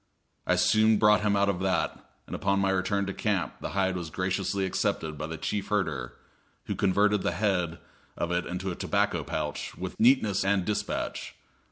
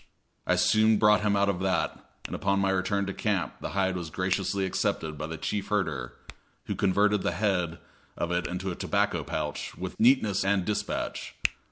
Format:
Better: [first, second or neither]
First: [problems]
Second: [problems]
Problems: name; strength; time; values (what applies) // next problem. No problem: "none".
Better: first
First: none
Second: background sound (Hands); 18 dB below the speech